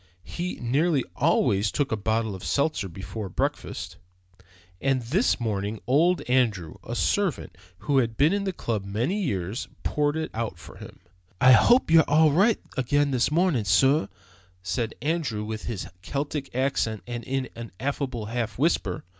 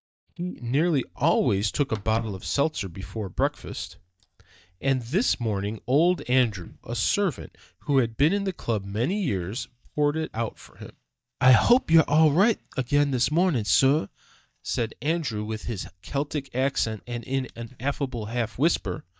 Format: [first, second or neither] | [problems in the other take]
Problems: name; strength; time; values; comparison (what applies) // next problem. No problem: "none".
first | noise reduction (neural mask model DeepFilterNet 3)